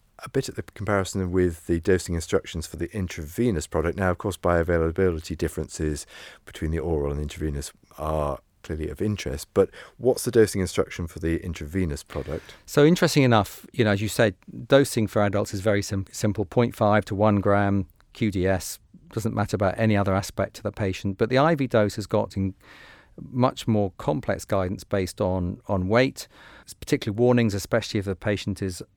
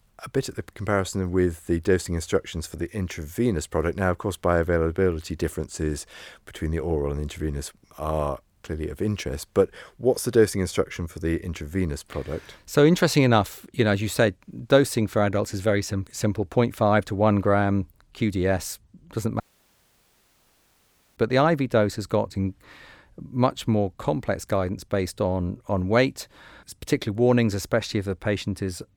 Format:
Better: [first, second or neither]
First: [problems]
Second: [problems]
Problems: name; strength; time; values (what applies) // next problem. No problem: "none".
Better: first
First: none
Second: audio cutting out; at 19 s for 2 s